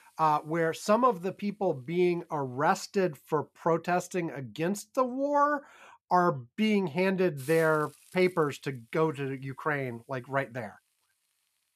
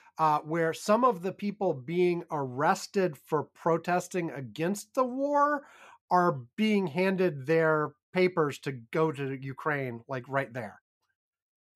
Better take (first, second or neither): second